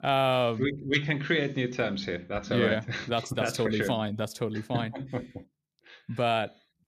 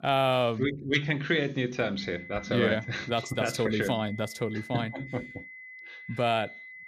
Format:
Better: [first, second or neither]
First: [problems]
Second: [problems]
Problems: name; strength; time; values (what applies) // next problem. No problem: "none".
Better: first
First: none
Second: high-pitched whine; noticeable; from 2 s on; 2 kHz, 15 dB below the speech